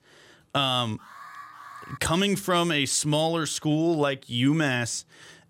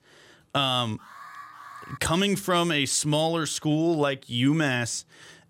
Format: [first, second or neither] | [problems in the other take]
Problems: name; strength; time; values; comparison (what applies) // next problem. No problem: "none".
neither | alarm; faint; at 1 s; peak 20 dB below the speech; the same in both